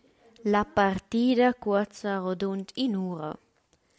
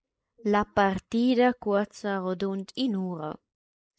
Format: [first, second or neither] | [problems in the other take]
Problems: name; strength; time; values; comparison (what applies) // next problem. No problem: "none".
first | noise reduction (neural mask model Resemble Enhance denoiser)